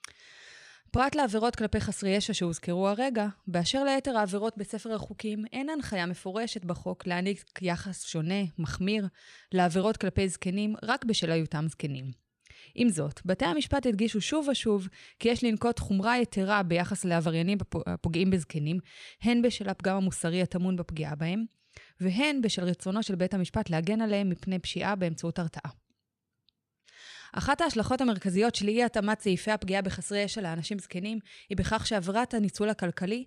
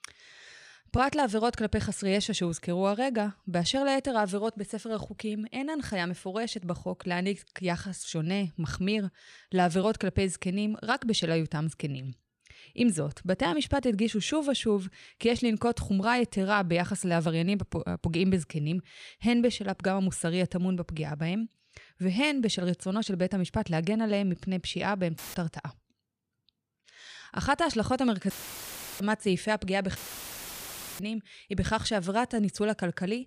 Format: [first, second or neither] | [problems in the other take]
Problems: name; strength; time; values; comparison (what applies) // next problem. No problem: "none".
first | audio cutting out; filled with static; at 25 s, at 28 s for 0.5 s and at 30 s for 1 s